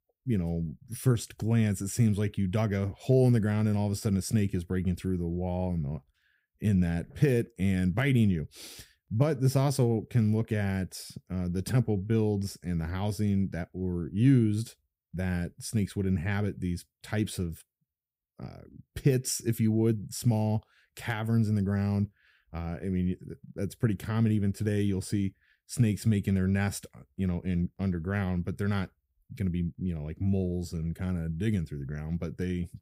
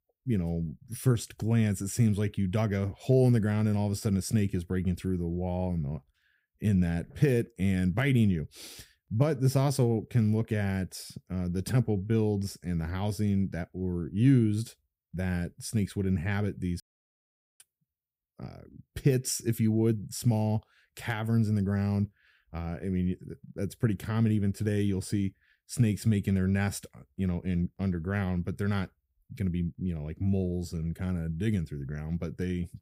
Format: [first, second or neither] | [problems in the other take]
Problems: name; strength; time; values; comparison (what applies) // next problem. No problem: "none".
first | audio cutting out; at 17 s for 1 s